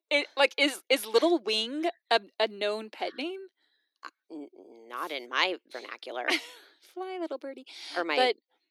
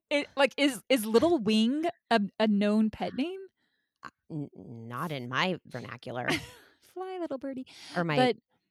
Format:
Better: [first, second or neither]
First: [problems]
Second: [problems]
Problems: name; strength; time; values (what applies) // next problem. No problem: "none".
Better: second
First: thin; somewhat; fading below 300 Hz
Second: none